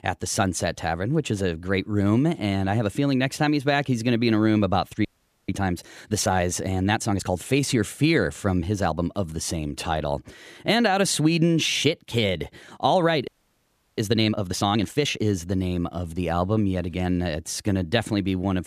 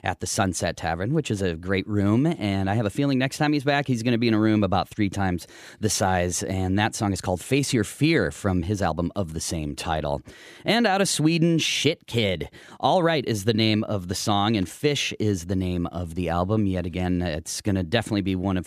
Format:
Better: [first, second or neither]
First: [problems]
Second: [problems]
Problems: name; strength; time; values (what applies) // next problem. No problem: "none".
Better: second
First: audio freezing; at 5 s and at 13 s for 0.5 s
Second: none